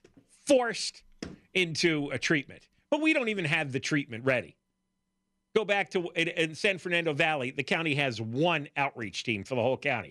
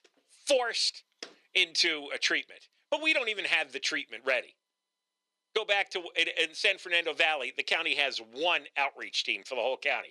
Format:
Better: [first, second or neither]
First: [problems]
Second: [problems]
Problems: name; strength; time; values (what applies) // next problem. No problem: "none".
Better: first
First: none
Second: thin; very; fading below 450 Hz